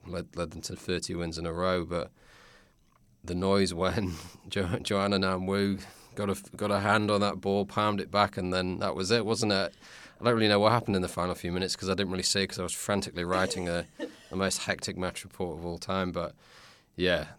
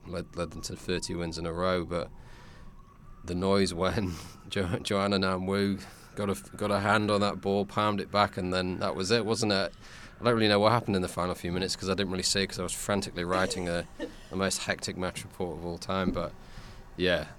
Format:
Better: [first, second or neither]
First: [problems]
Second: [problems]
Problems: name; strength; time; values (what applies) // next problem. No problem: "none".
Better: first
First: none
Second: wind in the background; faint; throughout; 20 dB below the speech